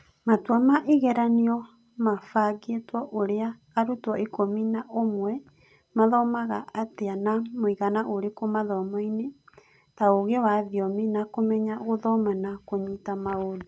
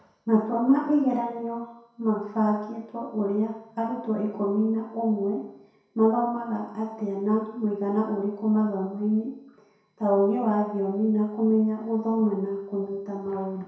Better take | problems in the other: first | room echo; dies away in 0.7 s

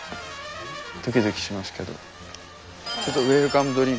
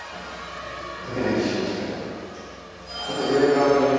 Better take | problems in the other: first | room echo; dies away in 2.2 s

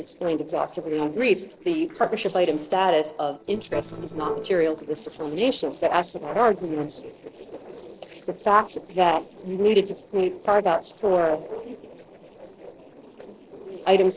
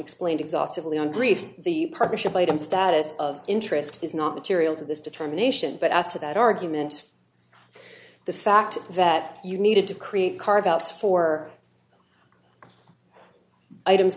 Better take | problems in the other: second | noise reduction (neural separator model SepFormer DNS4)

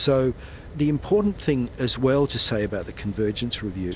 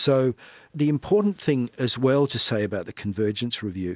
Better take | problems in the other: second | background sound (Fire); 15 dB below the speech

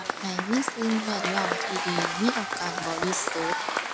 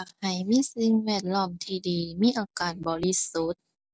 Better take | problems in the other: second | background sound (Applause / Crowd / Cheering); as loud as the speech

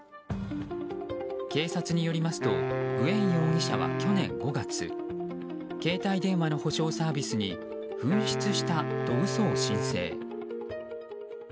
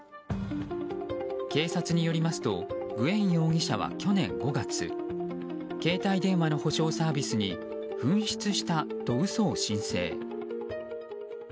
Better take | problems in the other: second | background sound (Wind instrument, woodwind instrument); 3 dB below the speech

